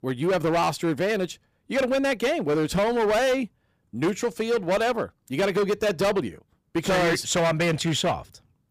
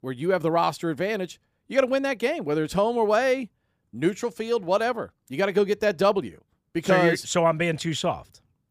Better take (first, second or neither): second